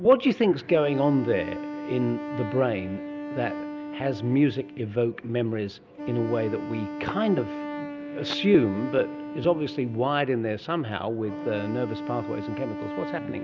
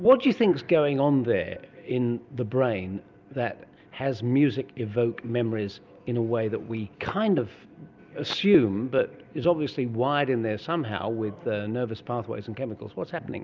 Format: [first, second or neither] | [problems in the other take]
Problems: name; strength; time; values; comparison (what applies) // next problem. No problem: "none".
second | background sound (Wind instrument, woodwind instrument); 9 dB below the speech